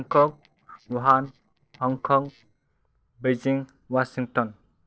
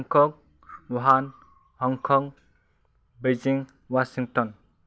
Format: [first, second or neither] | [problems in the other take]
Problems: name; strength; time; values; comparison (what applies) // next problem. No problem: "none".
second | noise reduction (neural separator model SepFormer DNS4)